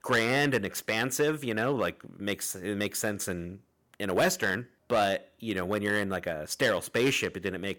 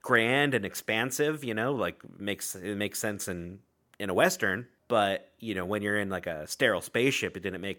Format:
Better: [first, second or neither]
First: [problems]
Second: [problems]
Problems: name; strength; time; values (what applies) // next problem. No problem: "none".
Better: second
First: distortion; slight; 3% of the sound clipped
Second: none